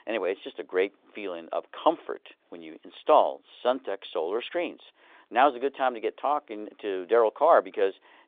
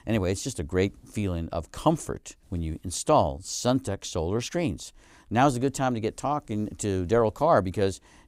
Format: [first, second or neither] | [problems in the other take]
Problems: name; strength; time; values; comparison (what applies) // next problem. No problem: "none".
second | phone-call audio; nothing above 3.5 kHz